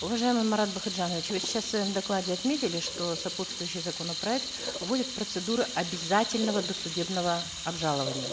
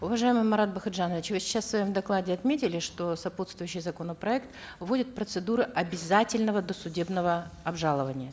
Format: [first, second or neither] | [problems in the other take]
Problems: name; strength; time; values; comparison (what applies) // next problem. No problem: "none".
second | background sound (Sink (filling or washing) / Water tap, faucet); 5 dB below the speech